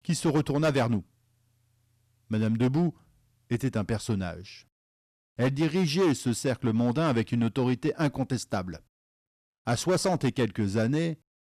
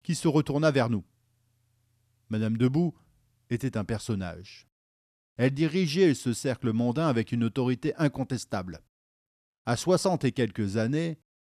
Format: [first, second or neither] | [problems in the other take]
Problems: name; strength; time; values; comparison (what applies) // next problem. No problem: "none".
second | distortion; slight; 6% of the sound clipped